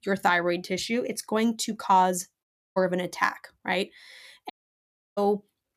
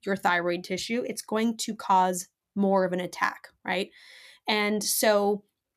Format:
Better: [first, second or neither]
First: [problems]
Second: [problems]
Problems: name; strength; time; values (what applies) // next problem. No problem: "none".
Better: second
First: audio cutting out; at 2.5 s and at 4.5 s for 0.5 s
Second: none